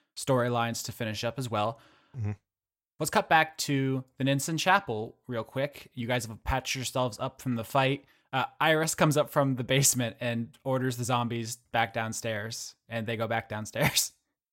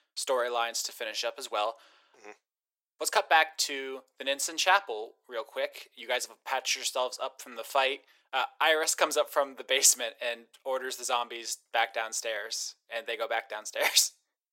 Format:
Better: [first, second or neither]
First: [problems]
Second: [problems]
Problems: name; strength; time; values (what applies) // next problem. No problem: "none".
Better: first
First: none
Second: thin; very; fading below 400 Hz